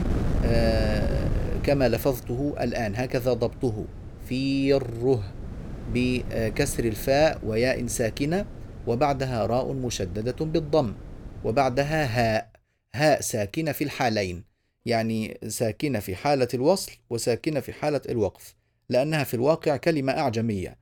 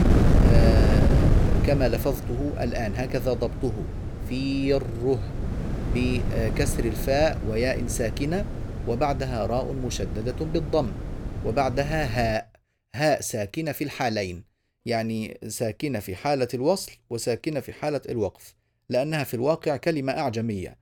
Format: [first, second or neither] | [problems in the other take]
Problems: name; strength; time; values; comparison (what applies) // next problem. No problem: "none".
first | wind noise on the microphone; heavy; until 12 s; 7 dB below the speech; occasional gusts in the first